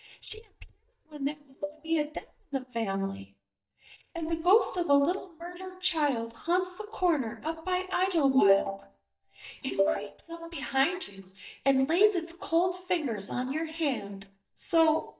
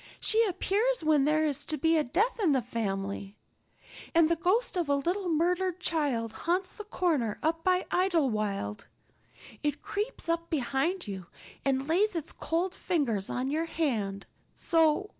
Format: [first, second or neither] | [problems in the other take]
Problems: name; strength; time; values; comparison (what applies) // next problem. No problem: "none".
second | noise reduction (neural mask model DeepFilterNet 3)